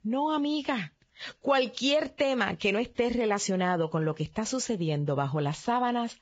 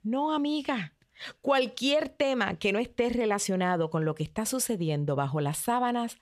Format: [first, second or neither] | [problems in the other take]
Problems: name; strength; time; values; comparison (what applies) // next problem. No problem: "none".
second | garbled, watery; badly; nothing above 7.5 kHz